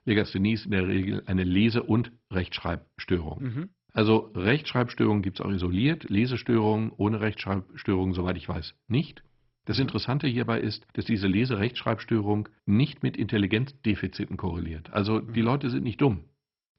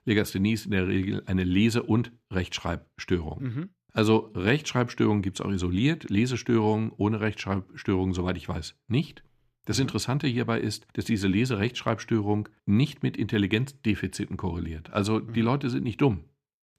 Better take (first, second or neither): second